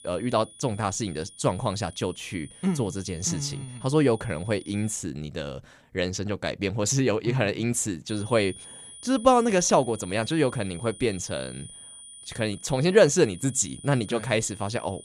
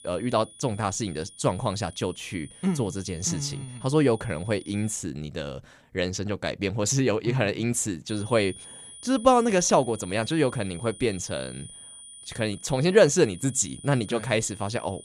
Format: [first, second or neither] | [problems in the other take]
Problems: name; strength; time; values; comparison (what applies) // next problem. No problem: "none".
neither | high-pitched whine; noticeable; until 5 s and from 8 s on; 9.5 kHz, 20 dB below the speech; the same in both